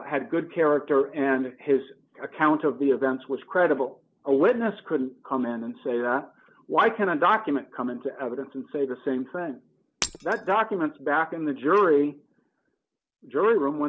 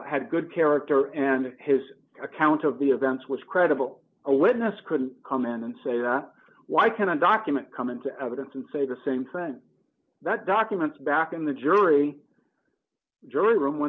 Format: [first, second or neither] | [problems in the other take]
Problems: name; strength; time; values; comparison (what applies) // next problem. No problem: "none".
second | background sound (Shatter); 13 dB below the speech